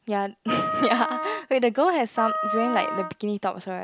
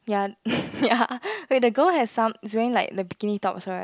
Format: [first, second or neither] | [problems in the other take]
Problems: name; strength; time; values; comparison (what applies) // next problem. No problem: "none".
second | background sound (Wind instrument, woodwind instrument); 4 dB below the speech